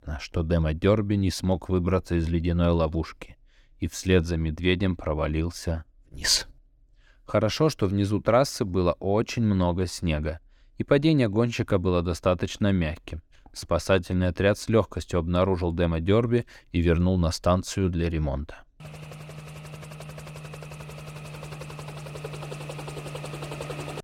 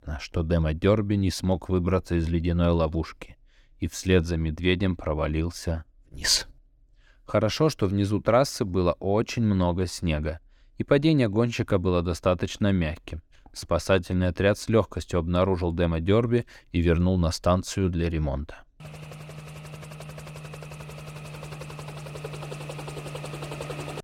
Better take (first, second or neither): neither